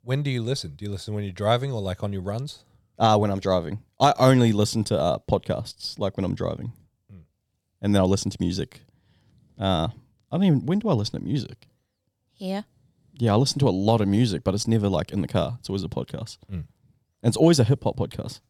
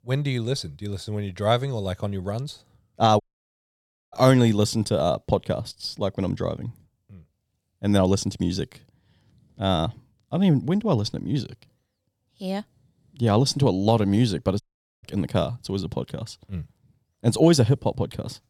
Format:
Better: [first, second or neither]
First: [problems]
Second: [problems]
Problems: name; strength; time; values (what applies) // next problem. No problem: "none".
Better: first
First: none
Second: audio cutting out; at 3 s for 1 s and at 15 s